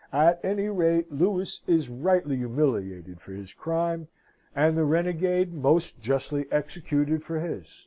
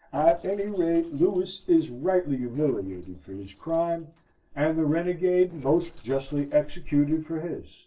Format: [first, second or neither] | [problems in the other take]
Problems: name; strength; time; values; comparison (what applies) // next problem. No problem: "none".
first | noise reduction (neural separator model SepFormer DNS4)